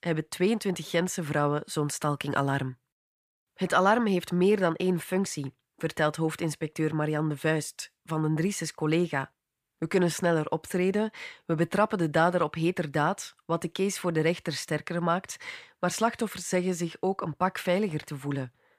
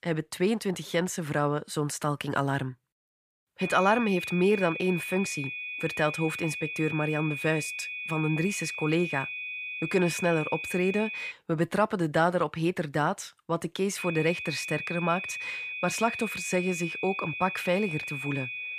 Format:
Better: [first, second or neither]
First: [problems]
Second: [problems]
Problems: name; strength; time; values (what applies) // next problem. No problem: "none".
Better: first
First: none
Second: high-pitched whine; loud; from 3.5 to 11 s and from 14 s on; 2.5 kHz, 5 dB below the speech